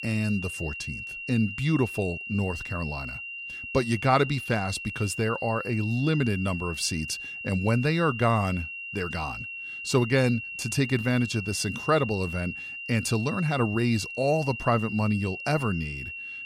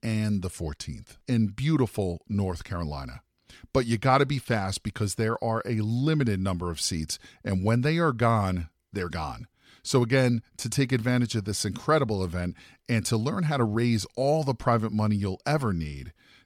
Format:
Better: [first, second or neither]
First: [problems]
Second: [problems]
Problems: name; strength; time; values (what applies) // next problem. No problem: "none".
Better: second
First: high-pitched whine; loud; throughout; 3 kHz, 8 dB below the speech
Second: none